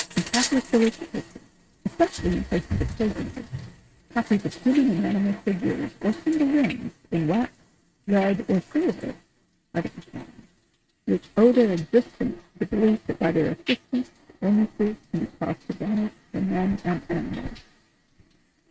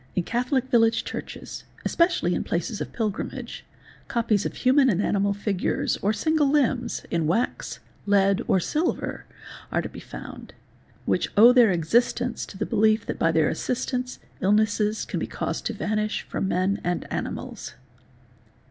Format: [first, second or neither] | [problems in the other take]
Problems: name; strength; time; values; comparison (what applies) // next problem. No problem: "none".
second | noise reduction (neural mask model RNNoise)